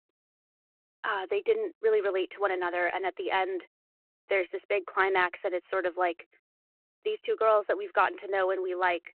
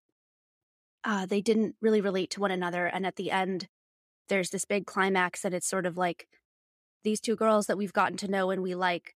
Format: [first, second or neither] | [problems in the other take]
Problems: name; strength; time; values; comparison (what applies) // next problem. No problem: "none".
second | phone-call audio